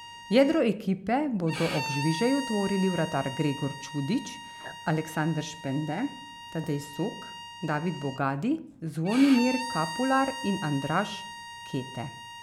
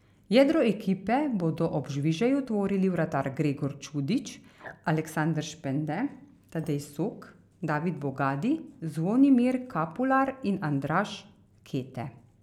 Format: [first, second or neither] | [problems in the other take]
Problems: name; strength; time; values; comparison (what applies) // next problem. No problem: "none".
second | background sound (Bowed string instrument); 11 dB below the speech